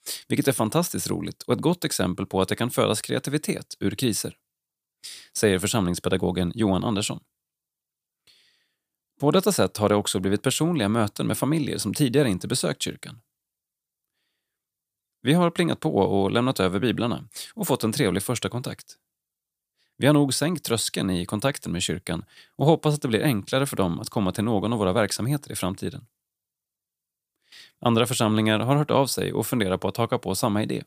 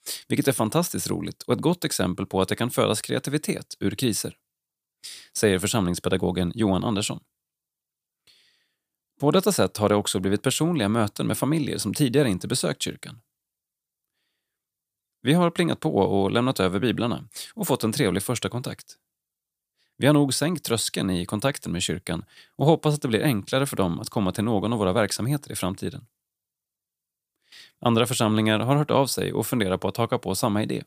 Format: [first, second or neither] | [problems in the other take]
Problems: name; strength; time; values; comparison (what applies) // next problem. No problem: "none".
neither | none